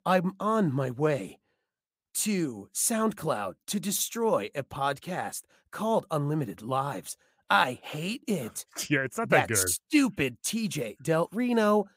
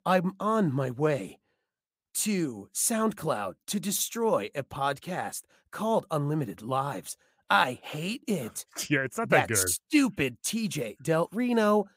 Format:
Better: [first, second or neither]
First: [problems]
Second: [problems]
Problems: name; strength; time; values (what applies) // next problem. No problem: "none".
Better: neither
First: none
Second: none